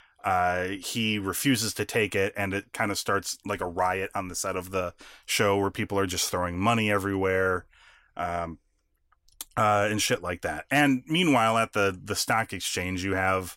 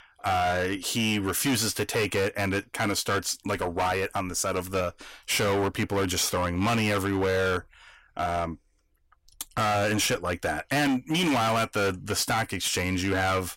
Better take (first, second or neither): first